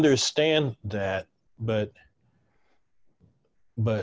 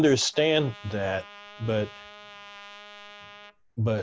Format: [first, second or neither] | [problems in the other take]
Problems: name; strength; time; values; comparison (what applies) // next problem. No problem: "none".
first | background sound (Trumpet); 19 dB below the speech